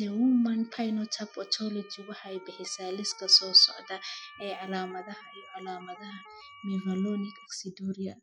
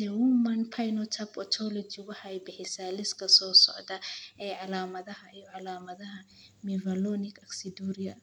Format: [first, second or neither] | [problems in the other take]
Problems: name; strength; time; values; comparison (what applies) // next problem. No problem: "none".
second | noise reduction (classical method Wiener filter)